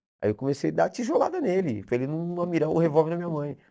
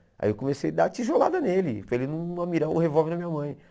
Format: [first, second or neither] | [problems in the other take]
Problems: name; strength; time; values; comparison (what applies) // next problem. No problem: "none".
second | noise reduction (neural mask model DeepFilterNet 3)